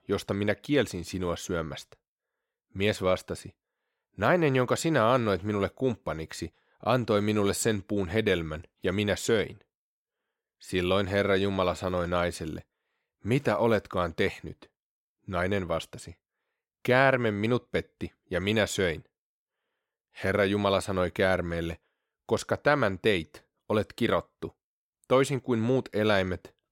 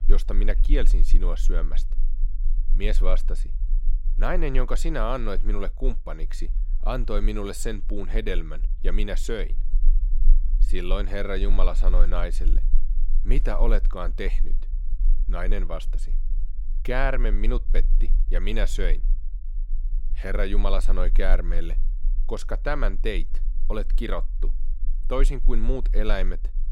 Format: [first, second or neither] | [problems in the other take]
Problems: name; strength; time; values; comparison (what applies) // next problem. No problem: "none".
first | low rumble; faint; throughout; 25 dB below the speech